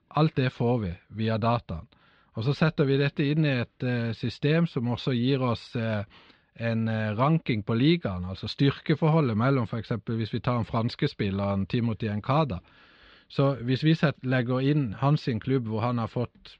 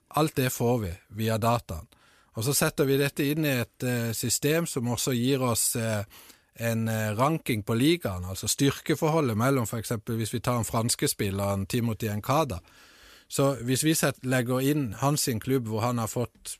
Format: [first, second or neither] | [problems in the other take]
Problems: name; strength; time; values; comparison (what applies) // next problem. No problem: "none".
second | muffled; slightly; fading above 4 kHz